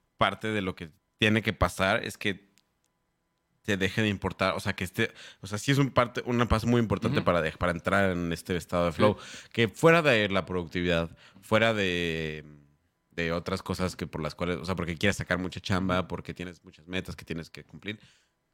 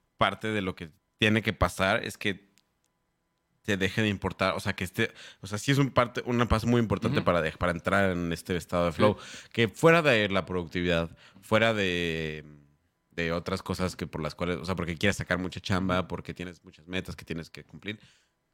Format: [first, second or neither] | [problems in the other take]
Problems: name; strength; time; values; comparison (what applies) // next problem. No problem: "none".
neither | none